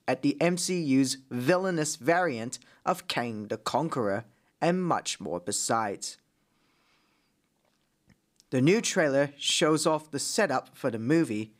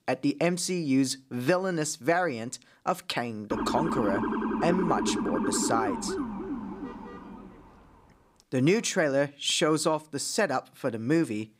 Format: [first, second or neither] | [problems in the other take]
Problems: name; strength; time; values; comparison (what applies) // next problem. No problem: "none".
first | siren; noticeable; from 3.5 to 7.5 s; peak 1 dB below the speech